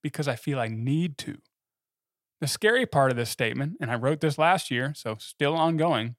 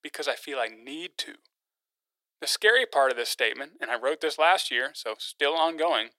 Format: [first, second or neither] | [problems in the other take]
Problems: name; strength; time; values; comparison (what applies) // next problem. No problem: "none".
first | thin; very; fading below 400 Hz